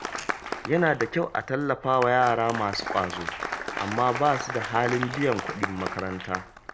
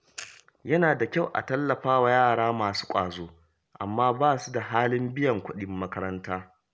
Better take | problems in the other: second | background sound (Applause); 8 dB below the speech

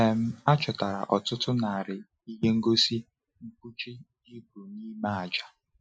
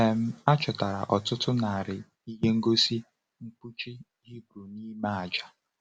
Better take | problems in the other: second | noise reduction (classical method Wiener filter)

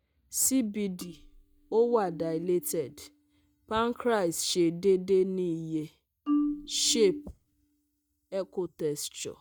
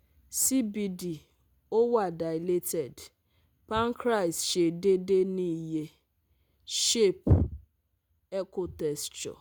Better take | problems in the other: second | noise reduction (neural mask model DeepFilterNet 3)

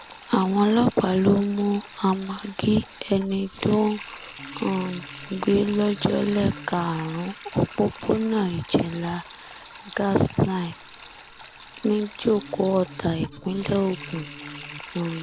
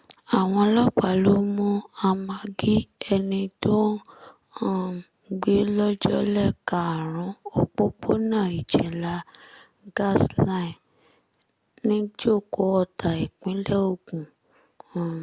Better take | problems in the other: second | background sound (Musical instrument + Sink (filling or washing)); 17 dB below the speech

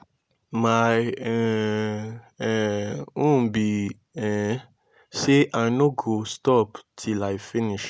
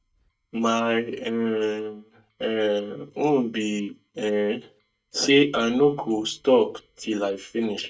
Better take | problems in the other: first | noise reduction (neural mask model DeepFilterNet 3)

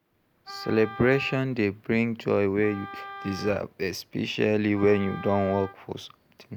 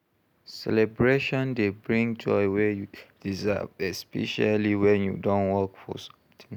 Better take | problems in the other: second | background sound (Wind instrument, woodwind instrument); 17 dB below the speech

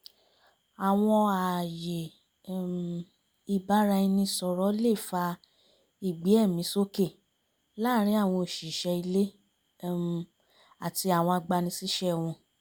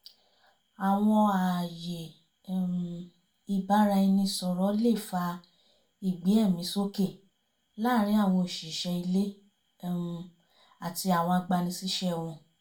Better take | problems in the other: first | room echo; dies away in 0.2 s

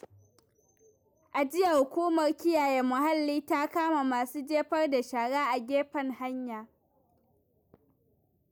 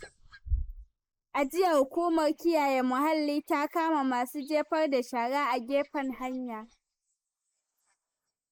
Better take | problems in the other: first | noise reduction (neural mask model Resemble Enhance denoiser)

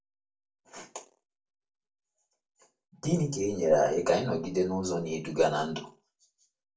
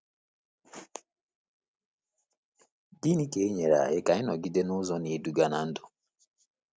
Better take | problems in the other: second | room echo; dies away in 0.2 s

